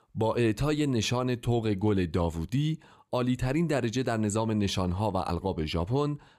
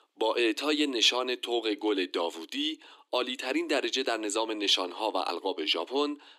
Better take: first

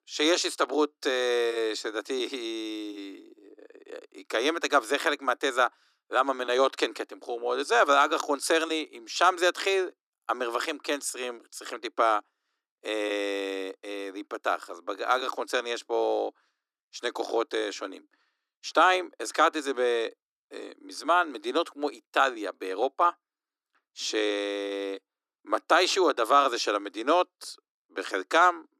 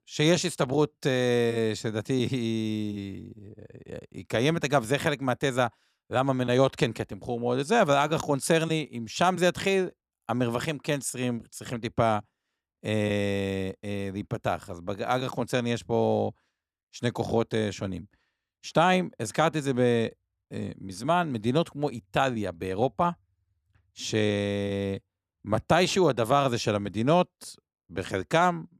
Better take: second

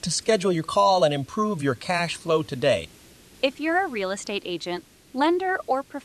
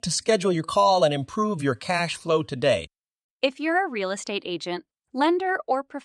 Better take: second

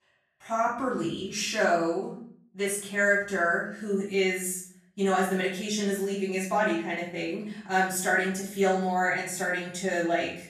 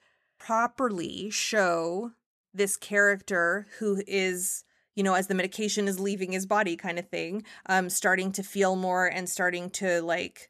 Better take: second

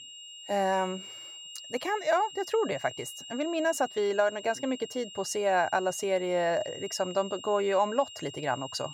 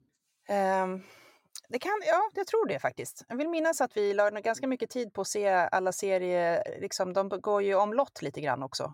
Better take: second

